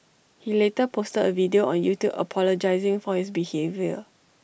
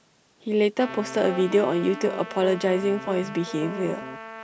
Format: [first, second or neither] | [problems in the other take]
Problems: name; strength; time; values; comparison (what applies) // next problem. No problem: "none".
first | background sound (Trumpet + Piano); 11 dB below the speech